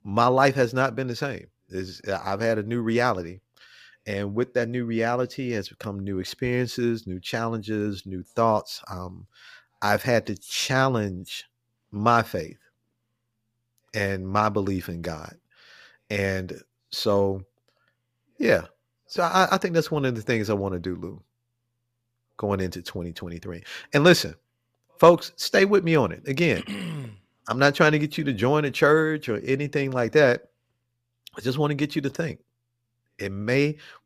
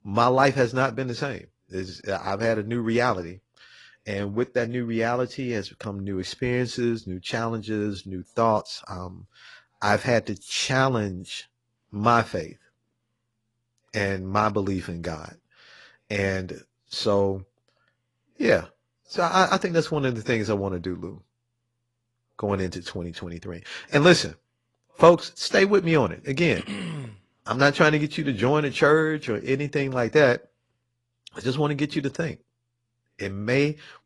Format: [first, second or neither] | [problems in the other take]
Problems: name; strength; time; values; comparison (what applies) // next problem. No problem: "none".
first | garbled, watery; slightly; nothing above 11 kHz